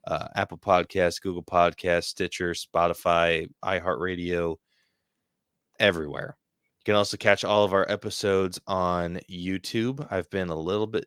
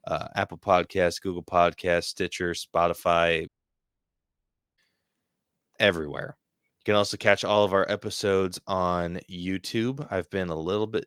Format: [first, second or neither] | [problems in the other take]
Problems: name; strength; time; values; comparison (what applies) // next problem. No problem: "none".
first | audio cutting out; at 3.5 s for 1.5 s